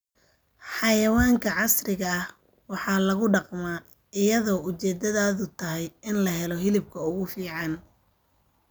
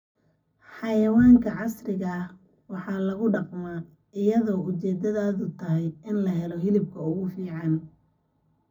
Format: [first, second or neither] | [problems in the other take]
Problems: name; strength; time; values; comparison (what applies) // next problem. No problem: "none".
first | room echo; dies away in 0.4 s